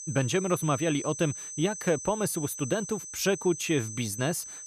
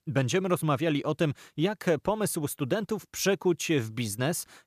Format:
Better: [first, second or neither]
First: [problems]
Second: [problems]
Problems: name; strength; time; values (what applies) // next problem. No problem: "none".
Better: second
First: high-pitched whine; loud; throughout; 6 kHz, 8 dB below the speech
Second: none